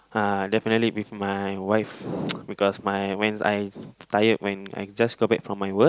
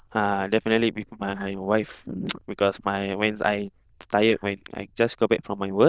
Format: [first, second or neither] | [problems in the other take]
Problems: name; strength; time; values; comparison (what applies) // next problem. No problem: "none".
first | noise reduction (neural diffusion model UNIVERSE++)